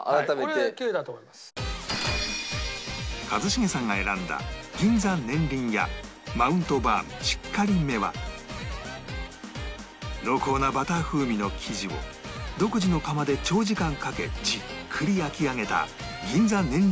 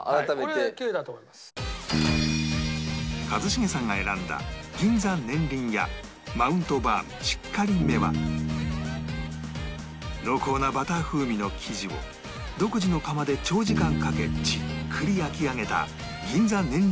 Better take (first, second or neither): first